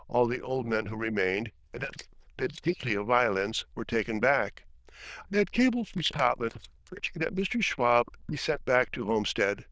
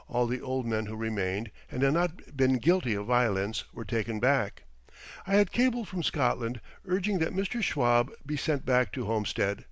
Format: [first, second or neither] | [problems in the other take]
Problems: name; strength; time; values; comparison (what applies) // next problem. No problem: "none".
second | noise reduction (neural diffusion model UNIVERSE++)